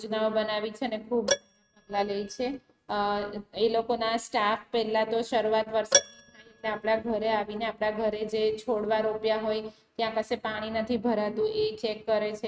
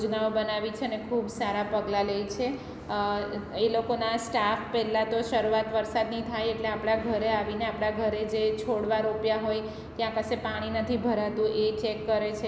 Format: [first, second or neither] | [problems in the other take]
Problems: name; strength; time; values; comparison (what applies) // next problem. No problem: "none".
second | noise reduction (neural mask model RNNoise)